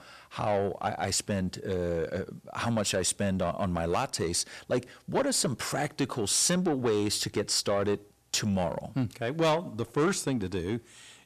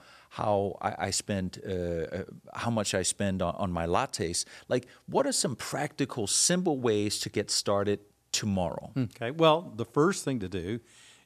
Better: second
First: distortion; slight; 10 dB below the speech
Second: none

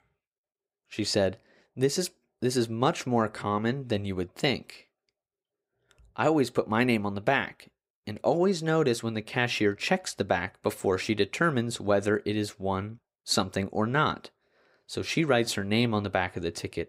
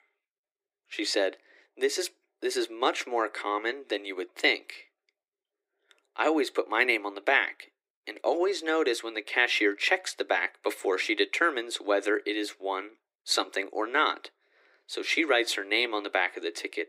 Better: first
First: none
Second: thin; very; fading below 300 Hz

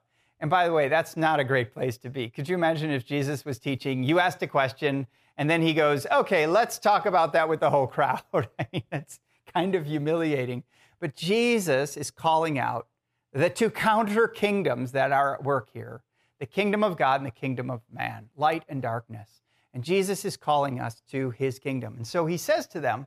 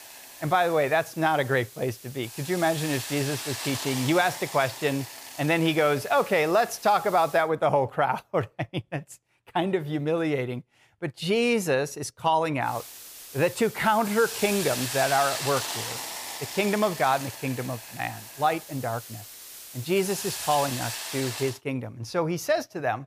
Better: first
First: none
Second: hiss; loud; until 7.5 s and from 13 to 22 s; 8 dB below the speech

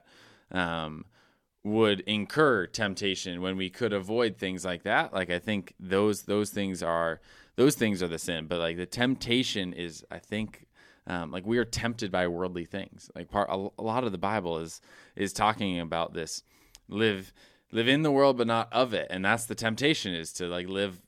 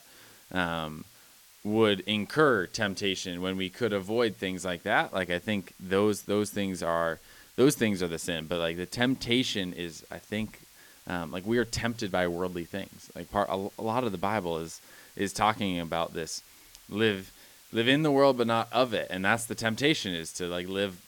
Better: first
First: none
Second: hiss; faint; throughout; 25 dB below the speech

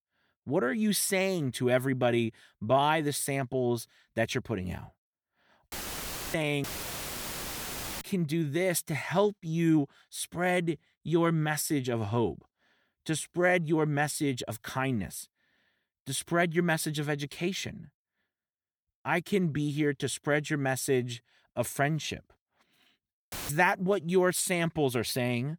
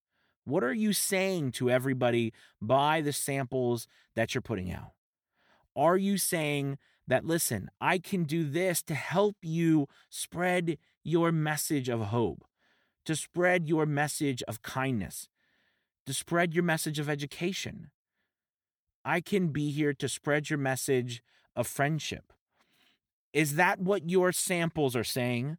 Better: second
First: audio cutting out; filled with static; at 5.5 s for 0.5 s, at 6.5 s for 1.5 s and at 23 s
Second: none

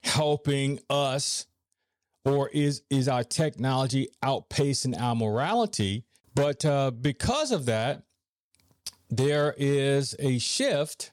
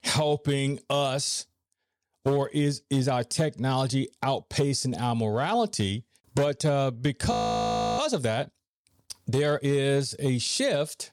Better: first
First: none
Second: audio freezing; at 7.5 s for 0.5 s

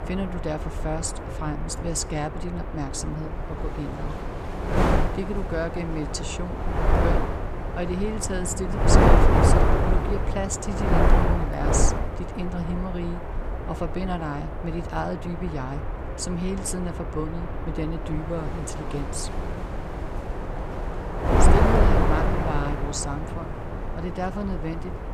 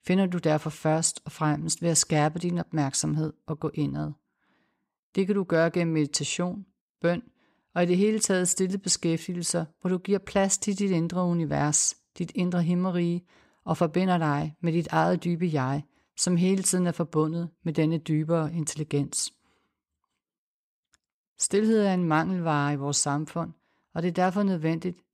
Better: second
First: wind noise on the microphone; heavy; 3 dB above the speech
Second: none

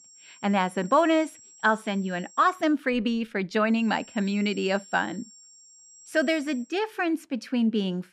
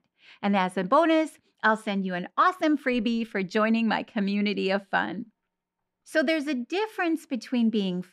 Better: second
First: high-pitched whine; faint; until 2.5 s and from 4 to 6.5 s; 7.5 kHz, 25 dB below the speech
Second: none

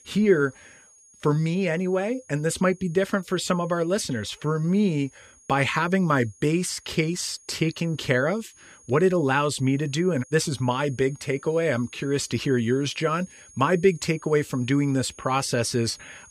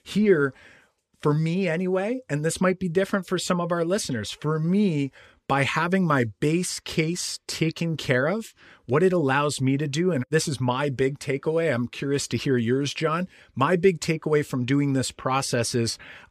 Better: second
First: high-pitched whine; faint; throughout; 6.5 kHz, 25 dB below the speech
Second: none

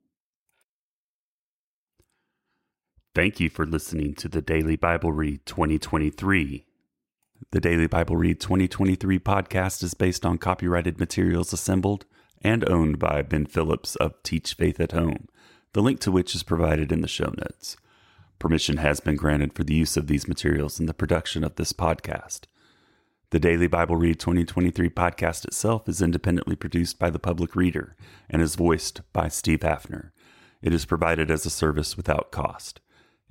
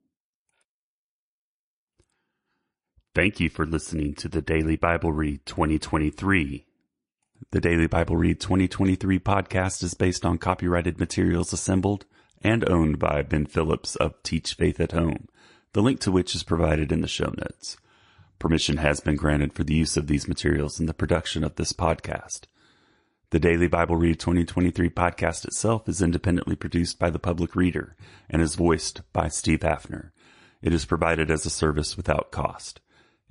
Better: first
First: none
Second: garbled, watery; slightly; nothing above 10.5 kHz

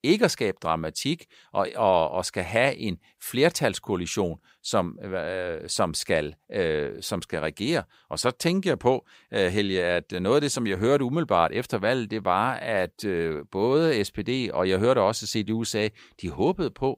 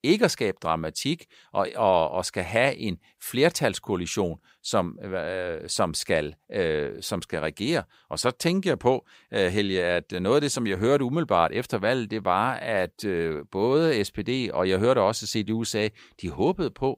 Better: neither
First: none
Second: none

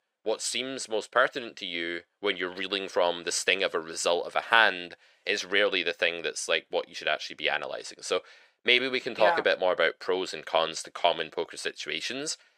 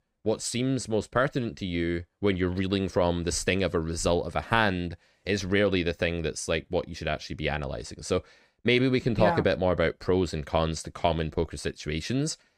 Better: second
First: thin; very; fading below 550 Hz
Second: none

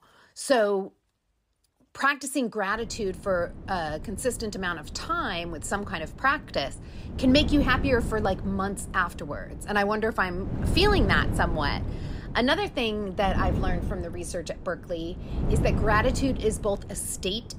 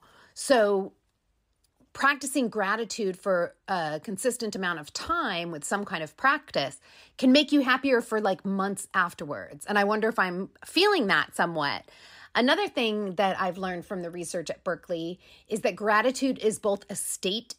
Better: second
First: wind noise on the microphone; occasional gusts; from 3 s on; 15 dB below the speech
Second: none

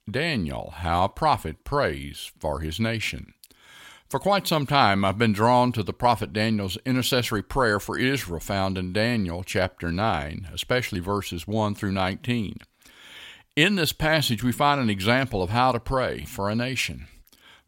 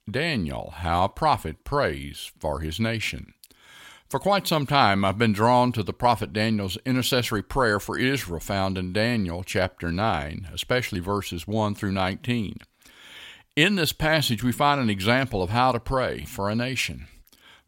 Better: neither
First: none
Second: none

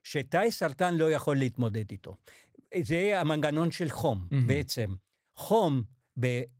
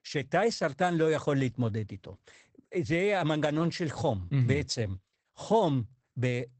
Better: first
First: garbled, watery; slightly; nothing above 16 kHz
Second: garbled, watery; badly; nothing above 8 kHz

